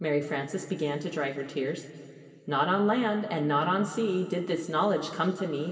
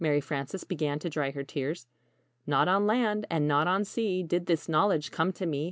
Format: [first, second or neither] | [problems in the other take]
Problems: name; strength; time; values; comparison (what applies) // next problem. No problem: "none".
second | room echo; dies away in 2.3 s